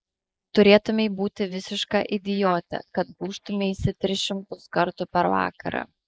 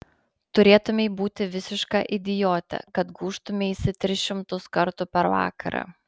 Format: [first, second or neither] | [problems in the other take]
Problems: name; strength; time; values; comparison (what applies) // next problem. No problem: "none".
second | noise reduction (neural mask model Resemble Enhance denoiser)